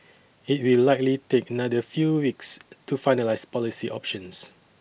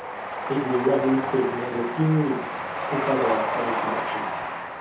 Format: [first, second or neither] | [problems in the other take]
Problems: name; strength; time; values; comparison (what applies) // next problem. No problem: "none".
first | background sound (Train); 3 dB below the speech // room echo; dies away in 0.6 s